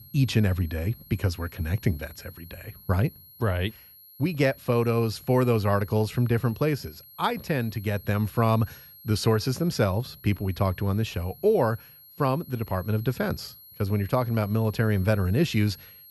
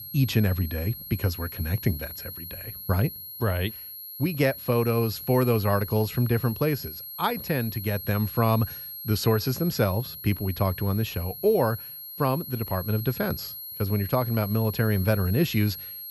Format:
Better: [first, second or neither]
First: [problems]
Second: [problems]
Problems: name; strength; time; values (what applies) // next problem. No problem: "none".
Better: first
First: high-pitched whine; faint; throughout; 11.5 kHz, 20 dB below the speech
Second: high-pitched whine; loud; throughout; 11.5 kHz, 10 dB below the speech